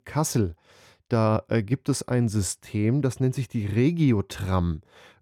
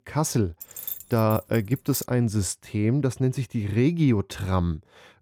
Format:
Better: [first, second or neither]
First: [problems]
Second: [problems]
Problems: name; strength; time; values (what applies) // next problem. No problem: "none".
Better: first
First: none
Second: jangling keys; noticeable; from 0.5 to 2 s; peak 8 dB below the speech